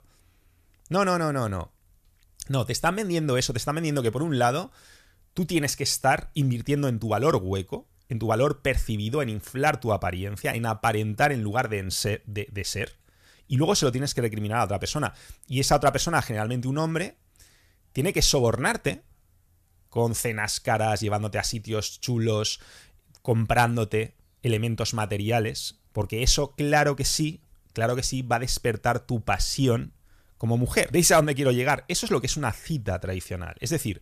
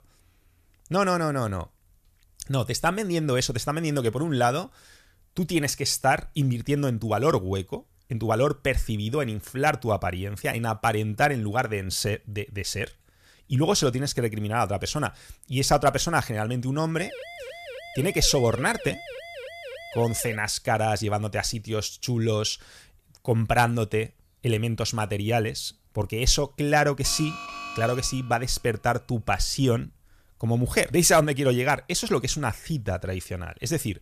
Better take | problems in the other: first | siren; faint; from 17 to 20 s; peak 15 dB below the speech // alarm; noticeable; from 27 to 28 s; peak 9 dB below the speech

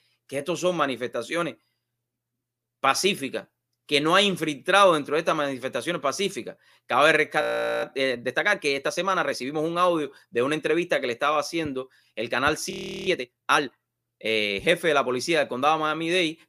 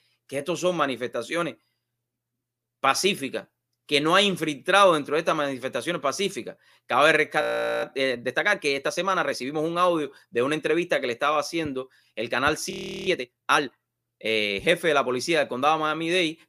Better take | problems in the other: neither | audio freezing; at 7.5 s and at 13 s; the same in both

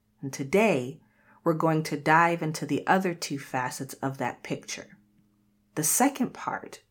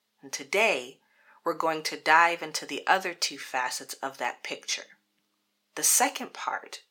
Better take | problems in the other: first | thin; somewhat; fading below 550 Hz

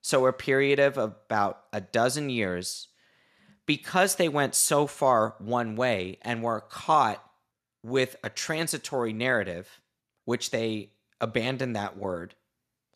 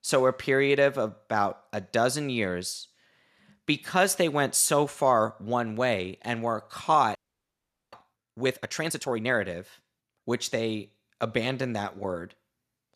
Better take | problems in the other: first | audio freezing; at 7 s for 1 s

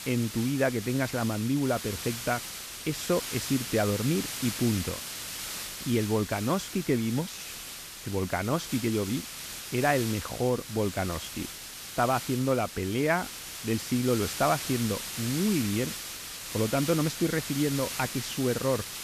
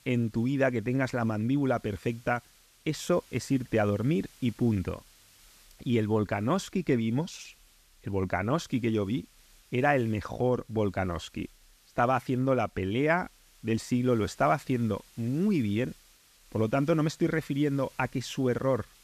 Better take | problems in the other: second | hiss; loud; throughout; 7 dB below the speech; faint in the second

